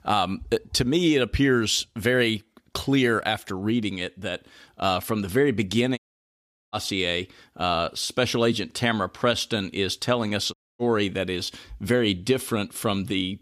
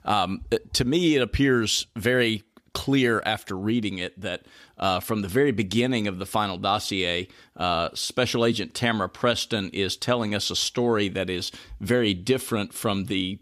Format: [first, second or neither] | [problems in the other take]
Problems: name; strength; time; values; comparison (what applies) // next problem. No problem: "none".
second | audio cutting out; at 6 s for 0.5 s and at 11 s